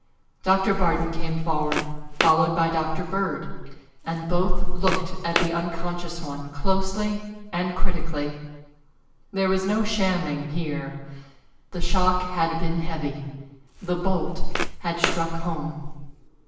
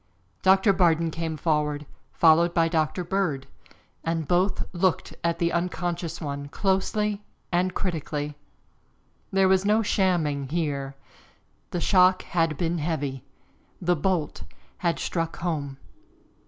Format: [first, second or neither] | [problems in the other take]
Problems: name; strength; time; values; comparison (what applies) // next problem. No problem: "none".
second | background sound (Walk, footsteps); 12 dB below the speech // room echo; dies away in 1 s